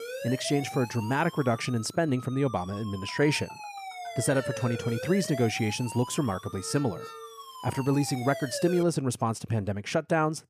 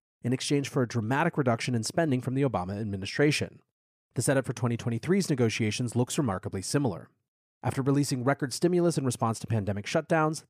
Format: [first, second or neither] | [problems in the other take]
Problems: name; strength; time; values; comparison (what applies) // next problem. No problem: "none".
second | siren; noticeable; until 9 s; peak 7 dB below the speech